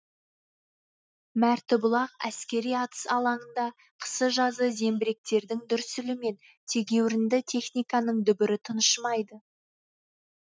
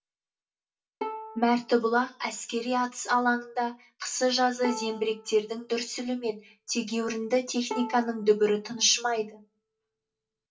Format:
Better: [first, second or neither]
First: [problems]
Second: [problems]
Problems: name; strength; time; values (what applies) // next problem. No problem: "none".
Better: first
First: none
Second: background sound (Bowed string instrument); 15 dB below the speech // room echo; dies away in 0.2 s